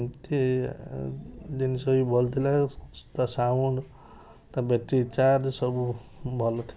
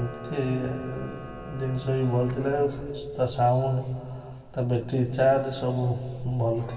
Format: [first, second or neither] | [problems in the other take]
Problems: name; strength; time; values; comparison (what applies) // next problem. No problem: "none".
first | background sound (Camera); 19 dB below the speech // room echo; dies away in 2.4 s